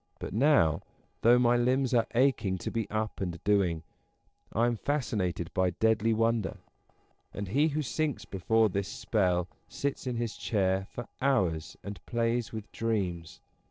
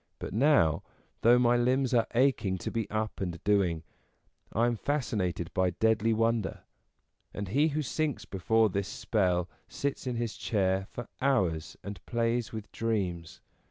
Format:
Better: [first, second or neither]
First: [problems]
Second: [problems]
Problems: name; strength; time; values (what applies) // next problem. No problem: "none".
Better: second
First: noise reduction (neural separator model SepFormer DNS4)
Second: none